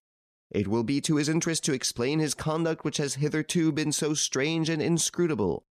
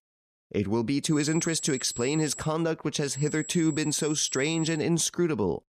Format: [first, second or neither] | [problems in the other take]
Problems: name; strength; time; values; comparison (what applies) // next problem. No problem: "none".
first | high-pitched whine; noticeable; from 1 to 2.5 s and from 3 to 5 s; 7.5 kHz, 10 dB below the speech